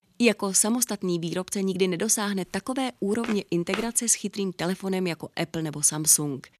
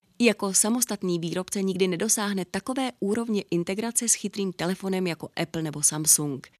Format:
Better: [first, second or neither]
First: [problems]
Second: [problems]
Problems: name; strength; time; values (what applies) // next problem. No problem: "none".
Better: second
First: footsteps; noticeable; at 3 s; peak 9 dB below the speech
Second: none